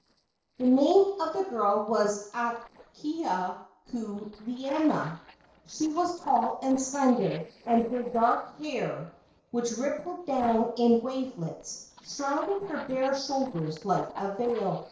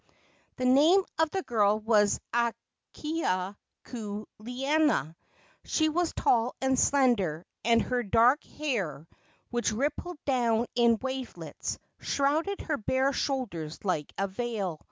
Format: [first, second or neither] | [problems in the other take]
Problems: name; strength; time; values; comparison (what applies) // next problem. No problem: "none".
second | noise reduction (neural separator model SepFormer DNS4)